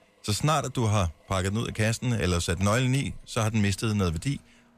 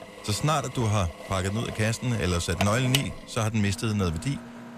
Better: first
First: machinery noise; faint; throughout; 25 dB below the speech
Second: machinery noise; loud; throughout; 9 dB below the speech

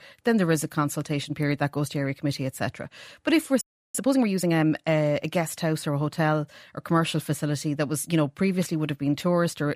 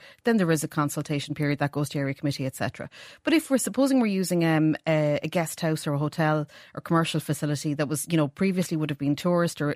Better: second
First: audio freezing; at 3.5 s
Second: none

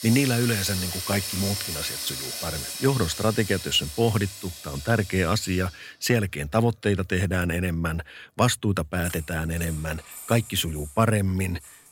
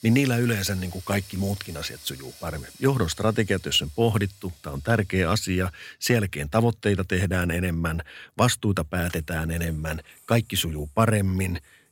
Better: second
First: household noises; loud; throughout; 7 dB below the speech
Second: household noises; faint; throughout; 20 dB below the speech

